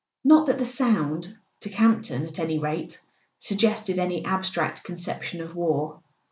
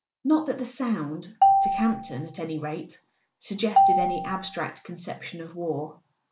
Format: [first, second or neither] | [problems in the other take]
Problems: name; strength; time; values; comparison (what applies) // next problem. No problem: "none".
first | background sound (Marimba, xylophone); 4 dB above the speech